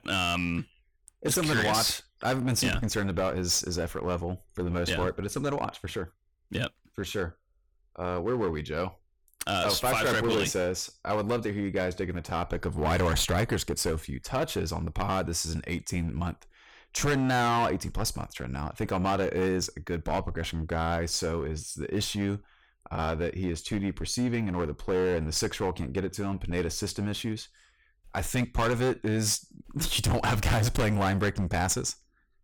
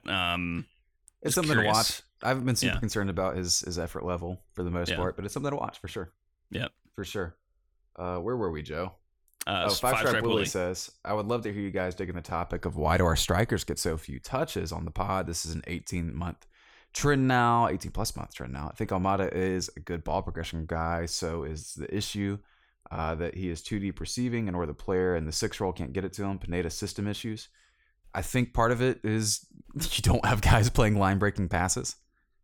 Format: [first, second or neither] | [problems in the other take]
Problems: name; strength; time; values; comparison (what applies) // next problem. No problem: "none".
second | distortion; heavy; 9% of the sound clipped